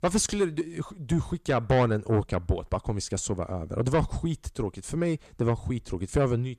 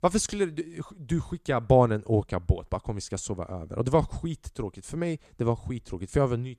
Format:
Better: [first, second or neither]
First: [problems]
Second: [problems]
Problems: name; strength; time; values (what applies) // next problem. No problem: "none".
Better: second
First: distortion; heavy; 8 dB below the speech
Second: none